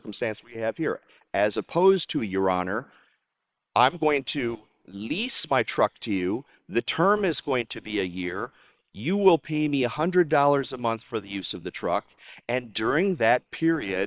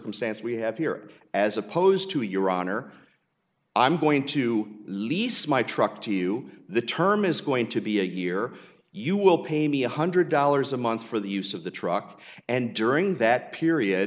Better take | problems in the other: second | noise reduction (neural separator model SepFormer WHAM!)

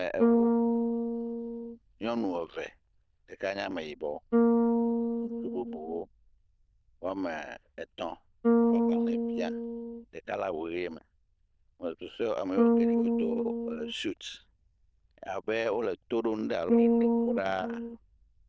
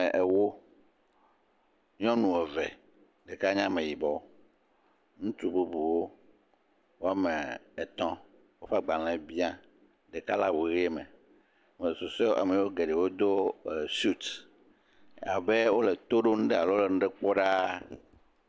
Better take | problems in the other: second | noise reduction (neural diffusion model UNIVERSE++)

